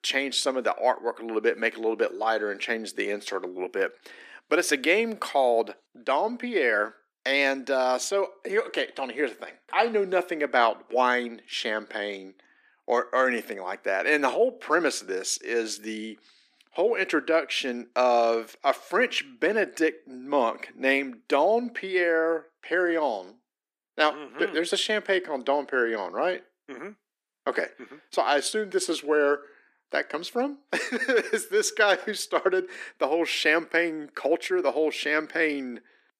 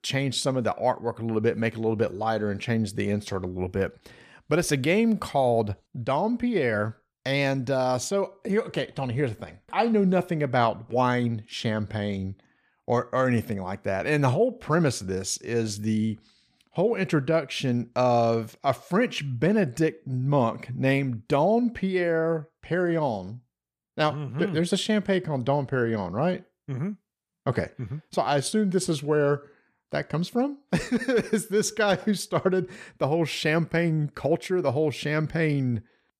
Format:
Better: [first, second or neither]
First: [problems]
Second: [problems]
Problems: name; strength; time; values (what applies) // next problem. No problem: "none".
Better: second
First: thin; somewhat; fading below 300 Hz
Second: none